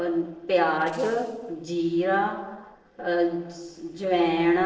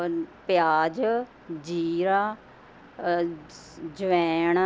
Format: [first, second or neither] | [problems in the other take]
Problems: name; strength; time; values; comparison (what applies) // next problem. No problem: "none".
second | noise reduction (neural separator model SepFormer DNS4)